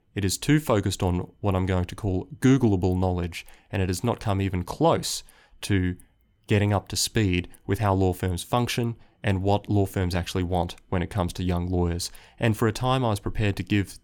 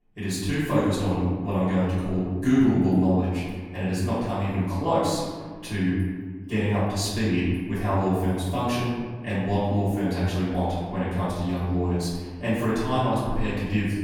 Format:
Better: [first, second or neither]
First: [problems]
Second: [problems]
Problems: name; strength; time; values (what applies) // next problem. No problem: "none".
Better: first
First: none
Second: off-mic speech; far // room echo; strong; dies away in 1.6 s